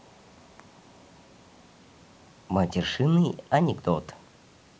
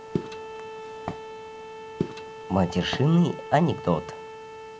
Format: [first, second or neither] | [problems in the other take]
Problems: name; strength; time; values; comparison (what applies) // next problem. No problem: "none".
first | background sound (Bowed string instrument + Walk, footsteps); 9 dB below the speech